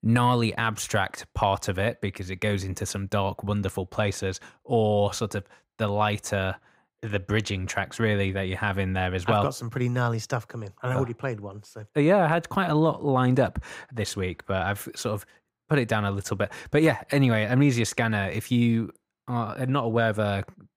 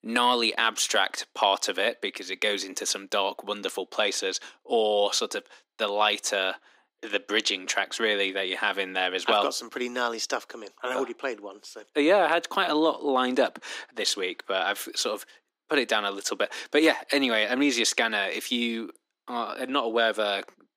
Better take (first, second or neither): first